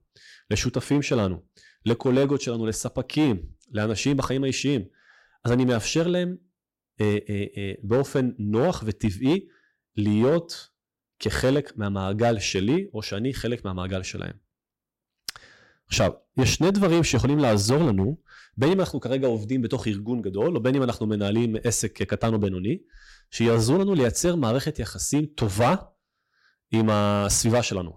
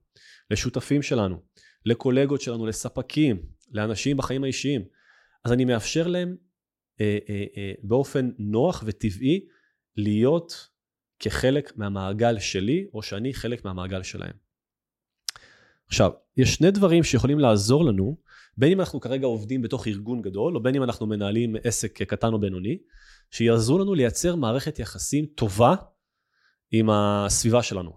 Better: second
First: distortion; slight; 6% of the sound clipped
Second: none

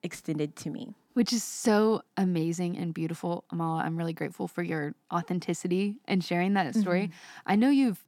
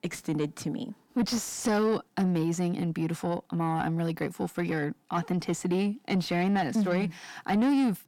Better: first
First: none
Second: distortion; slight; 10 dB below the speech

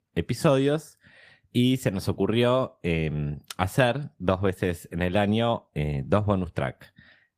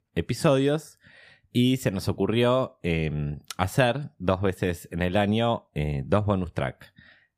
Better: second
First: garbled, watery; slightly; nothing above 15 kHz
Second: none

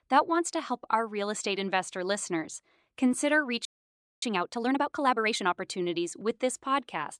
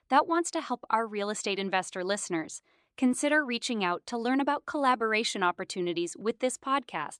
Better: second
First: audio freezing; at 3.5 s for 0.5 s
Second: none

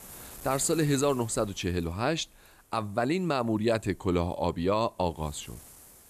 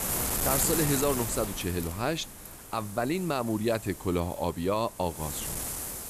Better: first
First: wind noise on the microphone; occasional gusts; 20 dB below the speech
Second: wind noise on the microphone; heavy; 2 dB below the speech

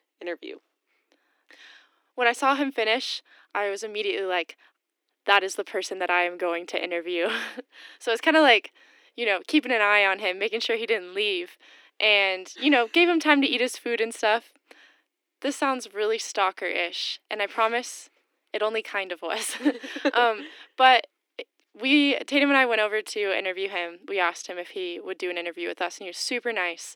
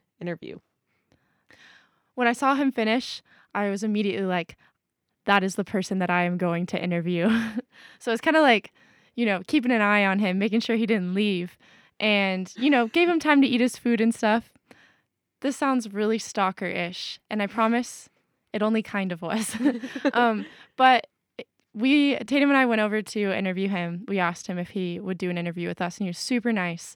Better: second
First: thin; somewhat; fading below 300 Hz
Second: none

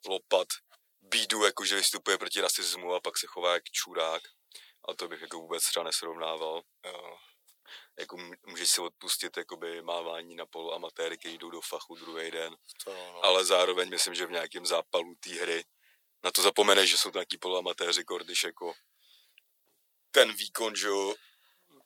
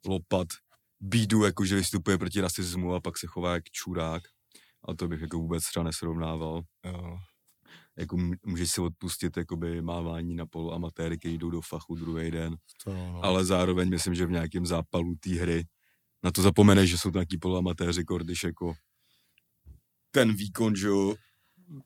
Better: second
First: thin; very; fading below 500 Hz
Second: none

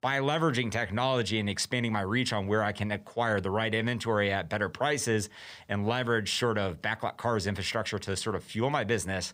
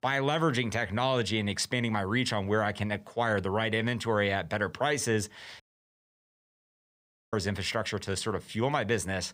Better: first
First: none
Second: audio cutting out; at 5.5 s for 1.5 s

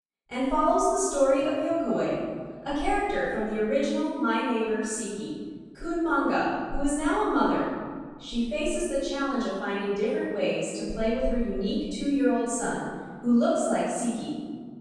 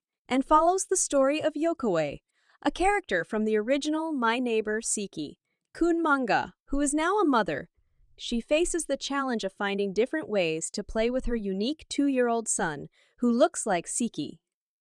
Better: second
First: off-mic speech; far // room echo; strong; dies away in 1.6 s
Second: none

